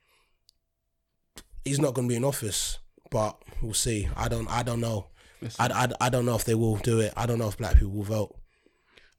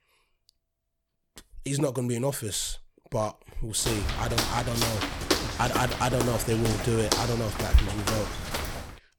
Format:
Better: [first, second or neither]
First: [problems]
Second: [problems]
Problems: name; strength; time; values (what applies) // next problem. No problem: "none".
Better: first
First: none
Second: footsteps; loud; from 4 s on; peak 2 dB above the speech